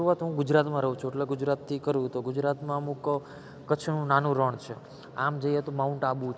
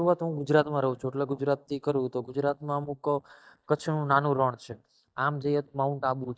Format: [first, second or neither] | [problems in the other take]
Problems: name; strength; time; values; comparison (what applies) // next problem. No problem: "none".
first | noise reduction (neural mask model DeepFilterNet 3)